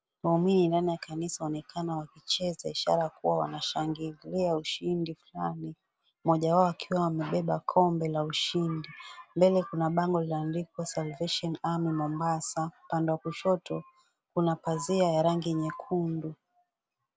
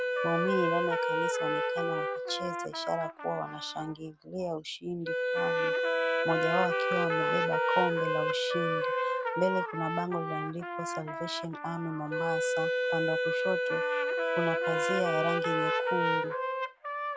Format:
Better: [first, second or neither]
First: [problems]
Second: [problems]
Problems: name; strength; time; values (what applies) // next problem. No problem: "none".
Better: first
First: none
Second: background sound (Wind instrument, woodwind instrument + Trumpet); 4 dB above the speech